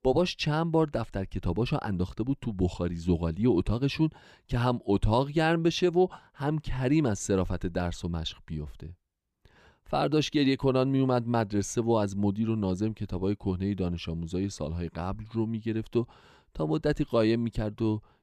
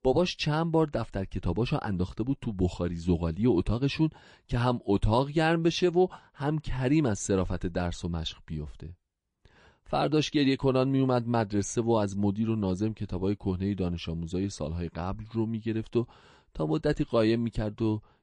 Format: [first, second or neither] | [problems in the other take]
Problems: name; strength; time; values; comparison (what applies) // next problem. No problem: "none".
first | garbled, watery; slightly; nothing above 8.5 kHz